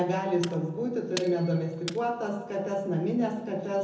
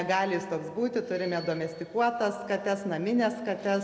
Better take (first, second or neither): second